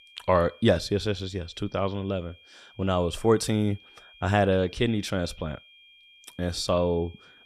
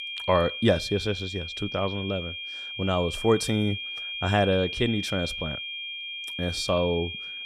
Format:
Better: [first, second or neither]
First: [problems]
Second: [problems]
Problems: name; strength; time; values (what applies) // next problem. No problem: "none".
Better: first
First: high-pitched whine; faint; throughout; 3 kHz, 25 dB below the speech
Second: high-pitched whine; loud; throughout; 3 kHz, 6 dB below the speech